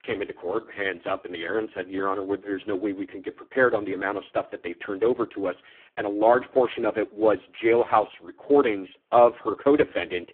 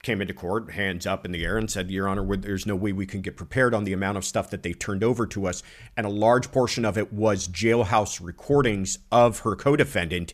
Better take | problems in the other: second | phone-call audio; poor line

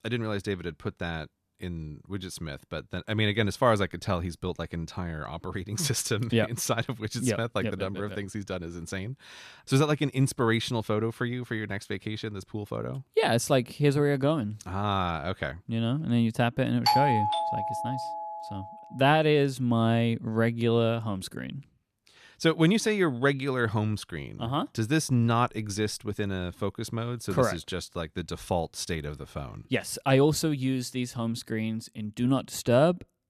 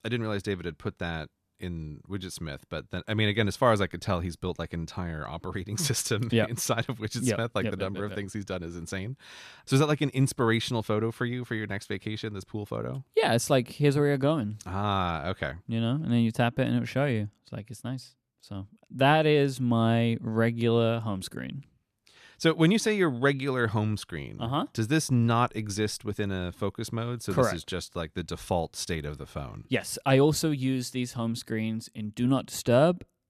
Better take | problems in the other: second | doorbell; loud; from 17 to 18 s; peak 5 dB above the speech

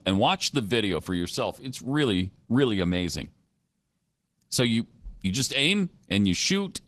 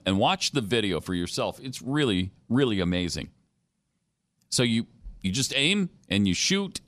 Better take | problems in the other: second | garbled, watery; slightly; nothing above 12 kHz

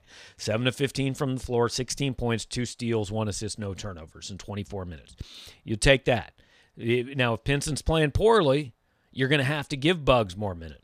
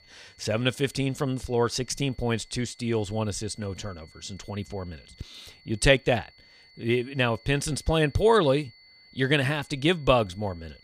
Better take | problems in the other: first | high-pitched whine; faint; throughout; 4.5 kHz, 25 dB below the speech

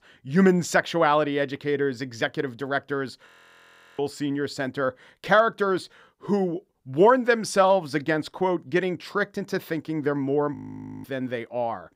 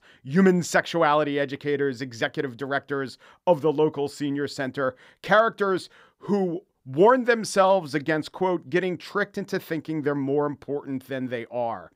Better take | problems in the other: second | audio freezing; at 3.5 s for 0.5 s and at 11 s

